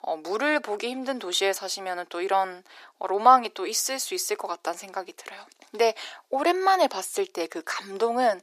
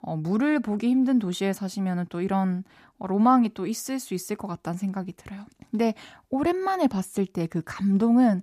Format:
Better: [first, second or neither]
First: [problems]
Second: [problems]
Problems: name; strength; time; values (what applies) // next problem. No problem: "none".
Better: second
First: thin; very; fading below 400 Hz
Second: none